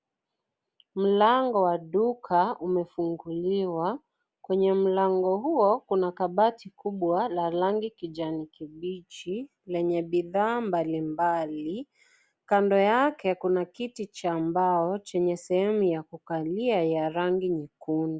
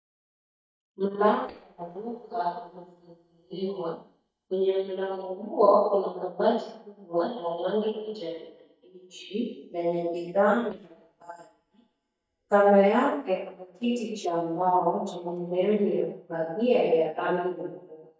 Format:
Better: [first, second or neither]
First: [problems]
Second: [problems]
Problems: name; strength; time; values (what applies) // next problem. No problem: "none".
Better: first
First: none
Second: noise reduction (neural mask model DeepFilterNet 3)